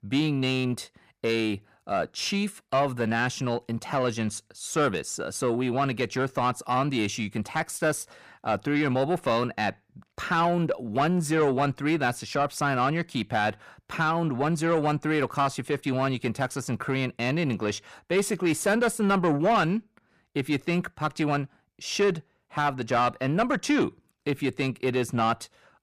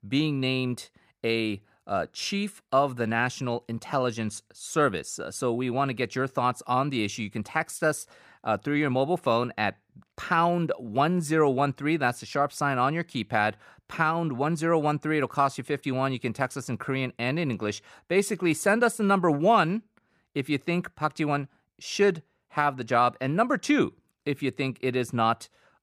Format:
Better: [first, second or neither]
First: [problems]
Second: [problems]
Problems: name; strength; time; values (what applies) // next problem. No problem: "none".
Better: second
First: distortion; slight; 10 dB below the speech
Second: none